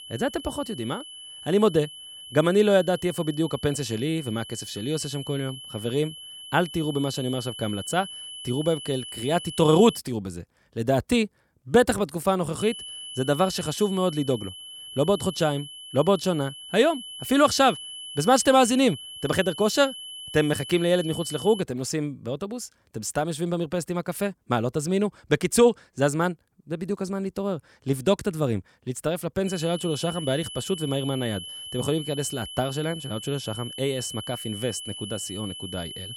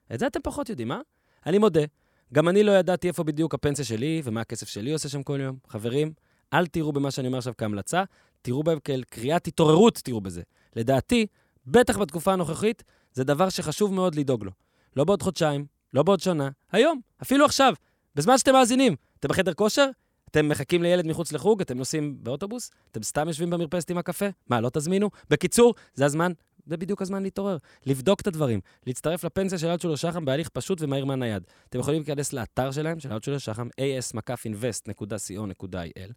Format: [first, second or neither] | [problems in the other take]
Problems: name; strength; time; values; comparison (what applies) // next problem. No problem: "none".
second | high-pitched whine; noticeable; until 10 s, from 13 to 22 s and from 29 s on; 3 kHz, 10 dB below the speech